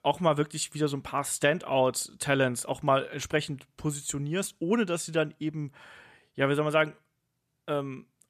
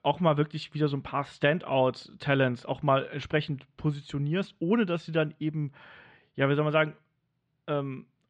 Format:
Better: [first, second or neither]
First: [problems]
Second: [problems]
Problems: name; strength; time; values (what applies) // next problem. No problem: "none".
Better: first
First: none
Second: muffled; slightly; fading above 4 kHz